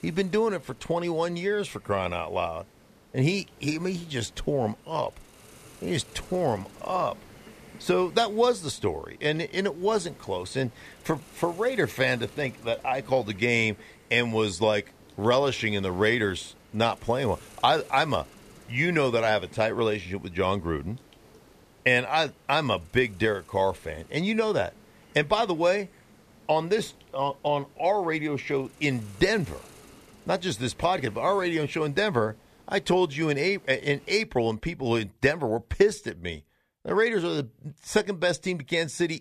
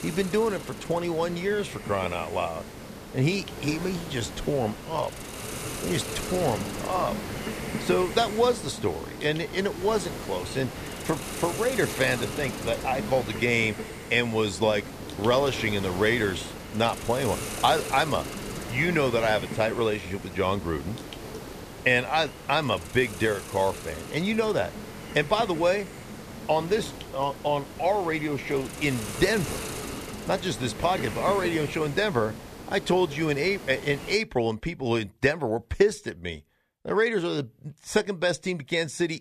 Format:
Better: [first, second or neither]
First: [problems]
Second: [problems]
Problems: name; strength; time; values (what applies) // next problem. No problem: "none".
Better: first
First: hiss; faint; until 34 s; 25 dB below the speech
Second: hiss; loud; until 34 s; 10 dB below the speech